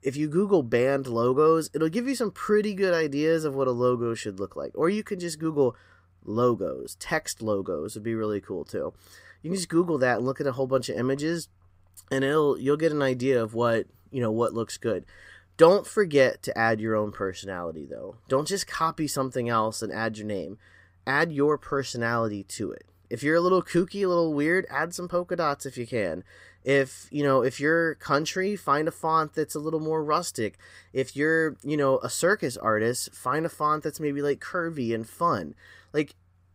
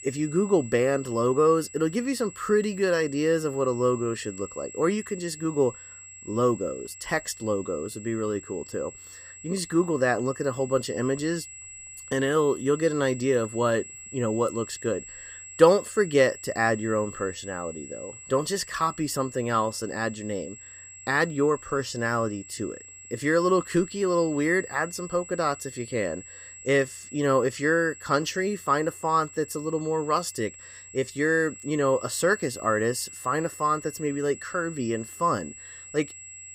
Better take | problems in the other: first | high-pitched whine; noticeable; throughout; 7.5 kHz, 15 dB below the speech

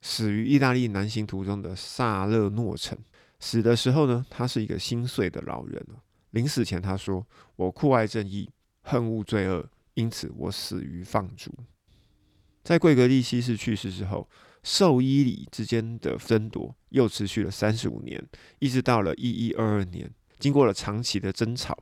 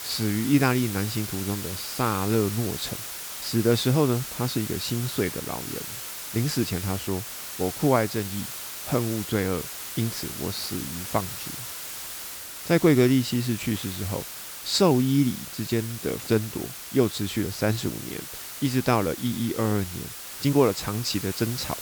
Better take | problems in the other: first | hiss; loud; throughout; 8 dB below the speech

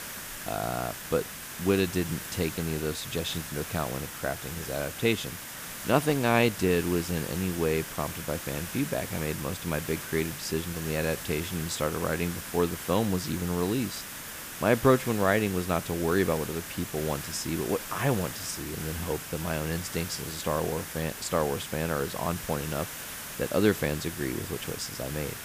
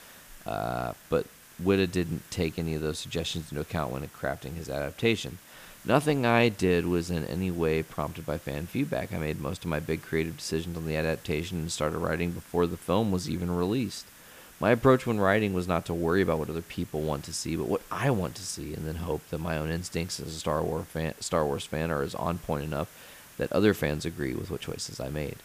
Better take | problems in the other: second | hiss; loud; throughout; 7 dB below the speech; faint in the second

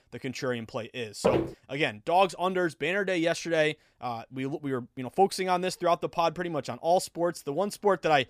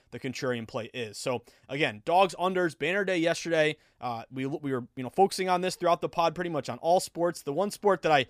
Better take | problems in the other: second | footsteps; loud; at 1 s; peak 1 dB above the speech

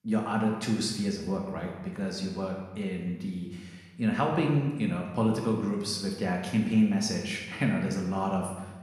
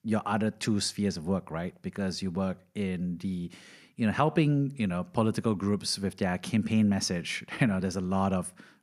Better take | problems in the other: second | room echo; noticeable; dies away in 1 s // off-mic speech; somewhat distant

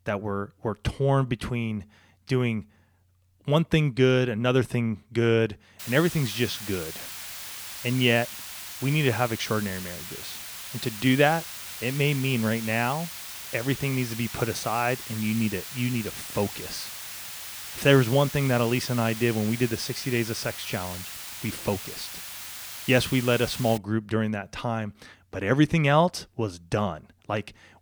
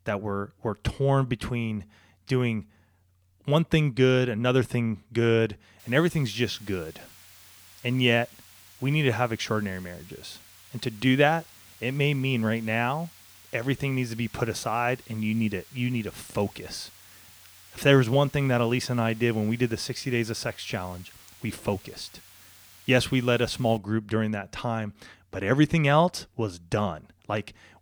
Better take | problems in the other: second | hiss; loud; from 6 to 24 s; 10 dB below the speech; faint in the second

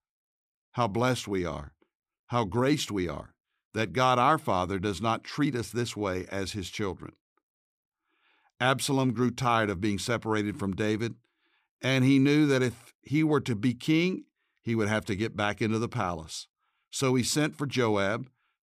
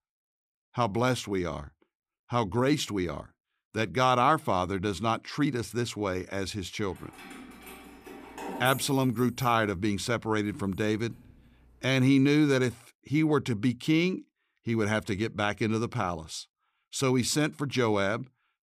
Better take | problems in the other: first | jangling keys; noticeable; from 7 to 11 s; peak 9 dB below the speech

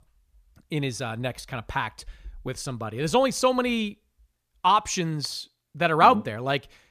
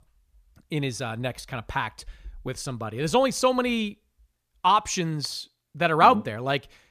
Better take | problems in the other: neither | none

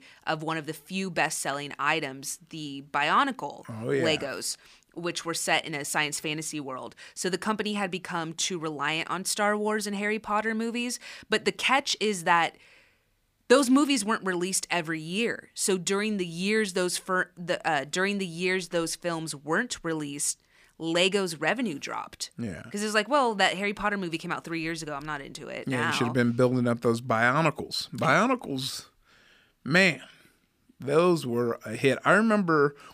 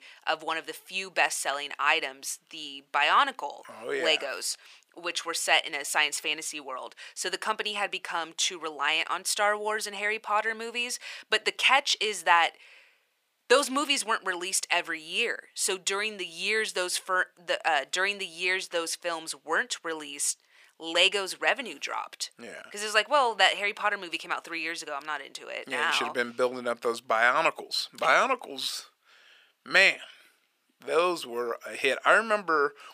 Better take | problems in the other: first | thin; very; fading below 600 Hz

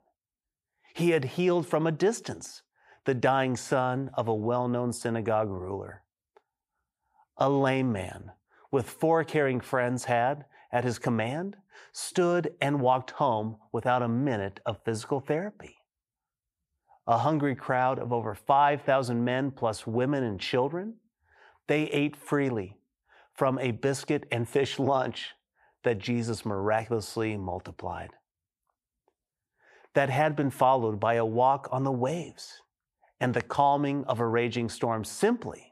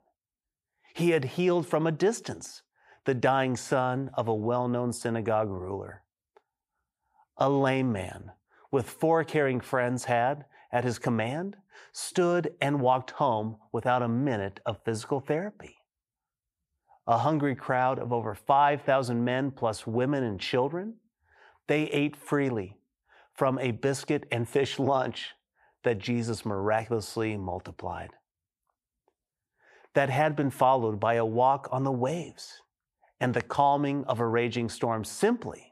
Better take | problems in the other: neither | none

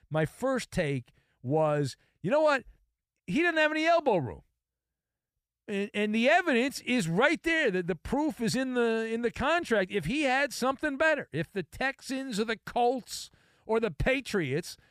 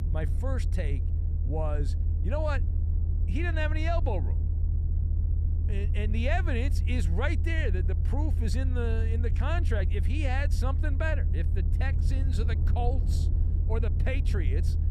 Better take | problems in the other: first | low rumble; loud; throughout; 9 dB below the speech

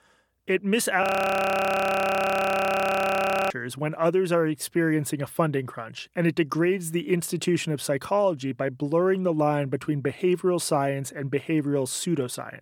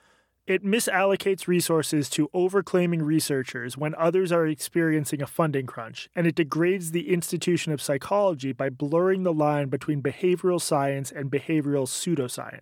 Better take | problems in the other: second | audio freezing; at 1 s for 2.5 s

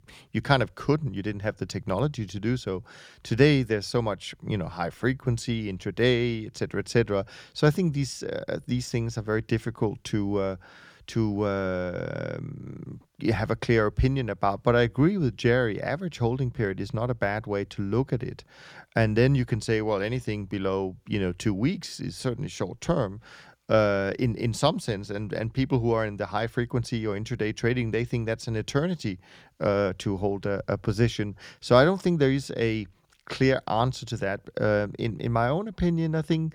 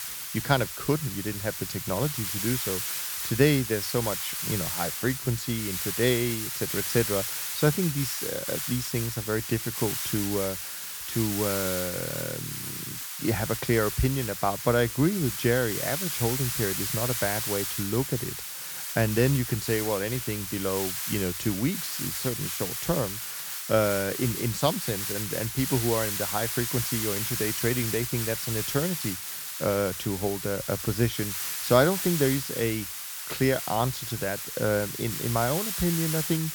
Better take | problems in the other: first | hiss; loud; throughout; 2 dB below the speech

